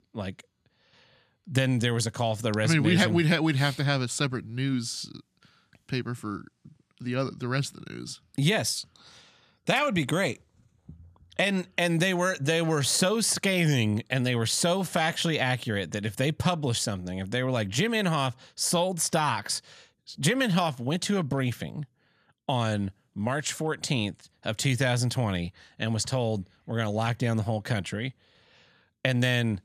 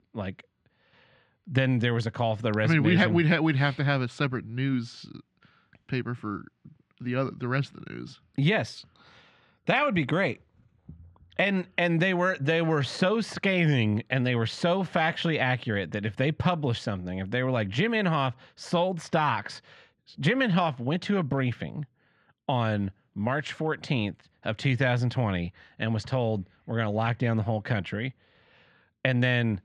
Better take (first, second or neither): first